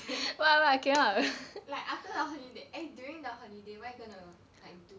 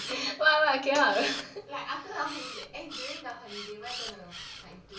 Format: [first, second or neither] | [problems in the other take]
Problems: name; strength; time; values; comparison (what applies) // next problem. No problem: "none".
first | background sound (Camera); 13 dB below the speech // room echo; dies away in 0.3 s